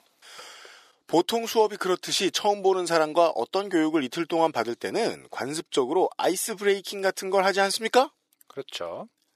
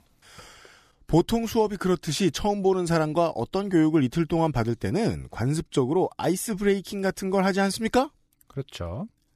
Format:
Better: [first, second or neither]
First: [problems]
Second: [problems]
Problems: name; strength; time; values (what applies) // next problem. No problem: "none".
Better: second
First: thin; somewhat; fading below 500 Hz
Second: none